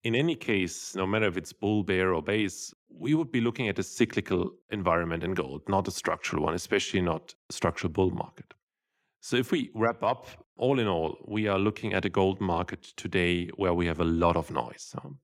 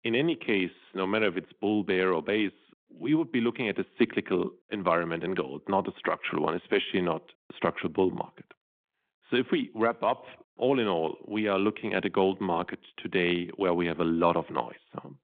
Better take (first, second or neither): first